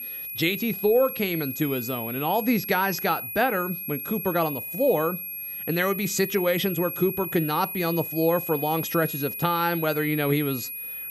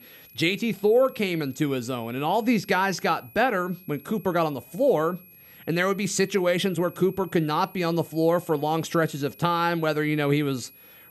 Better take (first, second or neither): second